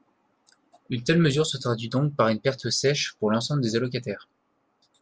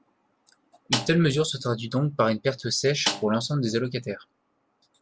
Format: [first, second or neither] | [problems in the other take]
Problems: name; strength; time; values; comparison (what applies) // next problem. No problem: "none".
first | background sound (Snare drum); 7 dB below the speech